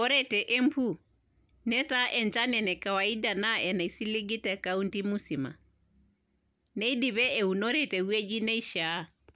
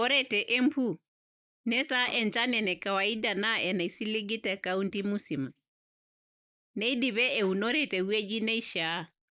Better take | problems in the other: first | noise reduction (neural mask model Resemble Enhance denoiser)

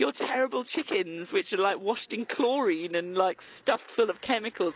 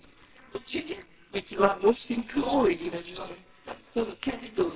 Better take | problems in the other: first | noise reduction (neural separator model SepFormer WHAMR!)

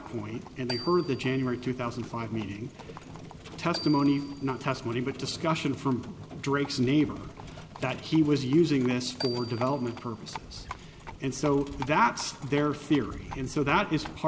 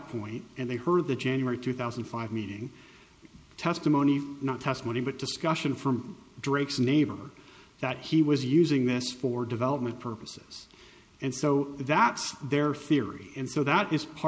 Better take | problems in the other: second | background sound (Marimba, xylophone + Livestock, farm animals, working animals); 13 dB below the speech

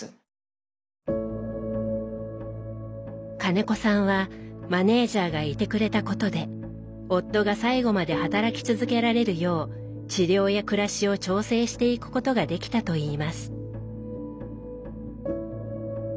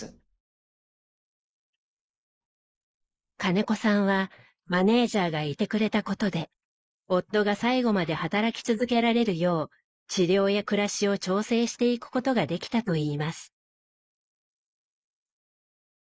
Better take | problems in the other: first | noise reduction (neural mask model Resemble Enhance denoiser)

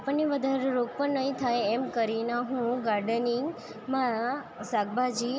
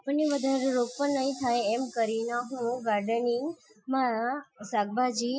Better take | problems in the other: first | noise reduction (classical method Wiener filter)

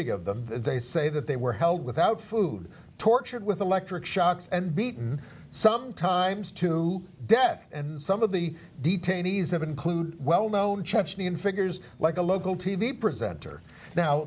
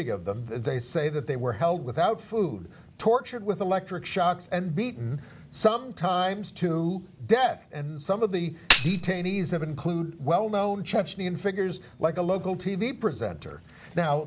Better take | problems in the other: first | background sound (Tambourine); 1 dB below the speech

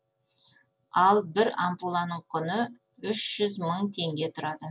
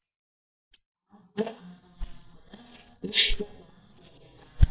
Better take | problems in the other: first | noise reduction (neural mask model DeepFilterNet 3)

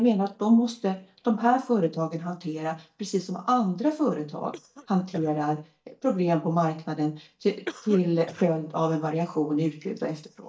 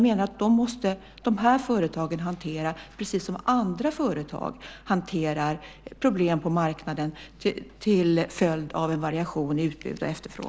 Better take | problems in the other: second | noise reduction (neural mask model DeepFilterNet 3)

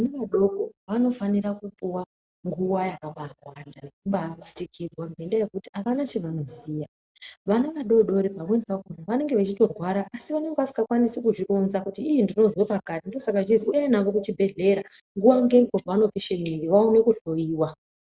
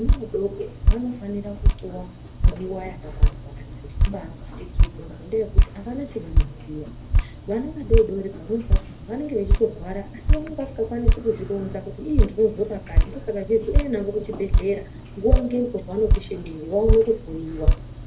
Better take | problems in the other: first | background sound (Drip); 4 dB above the speech // room echo; dies away in 0.3 s

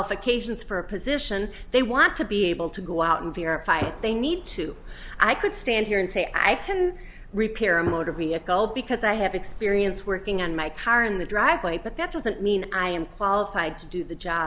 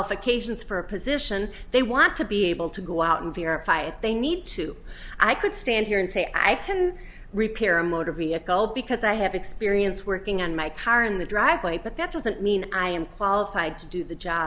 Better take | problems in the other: second | background sound (Gunshot, gunfire); 16 dB below the speech

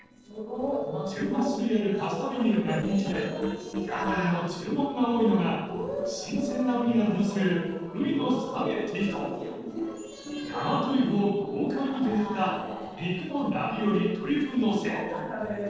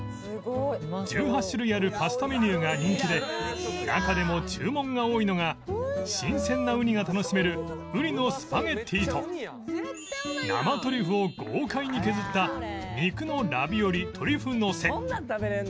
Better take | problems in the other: second | noise reduction (neural separator model SepFormer DNS4)

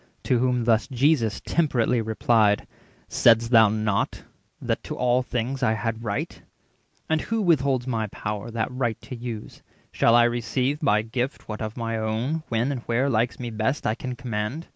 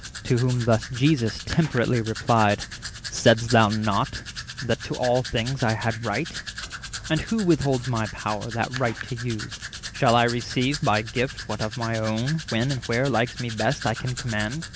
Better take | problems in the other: first | background sound (Domestic sounds, home sounds); 11 dB below the speech

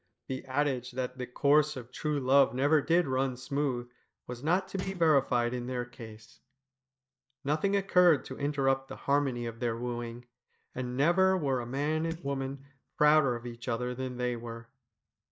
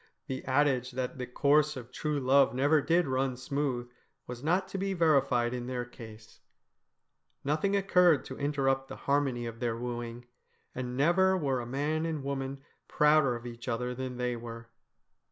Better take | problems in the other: second | noise reduction (neural mask model DeepFilterNet 3)

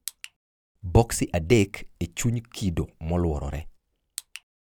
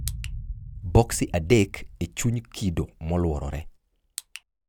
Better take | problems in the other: first | background sound (Boom); 13 dB below the speech

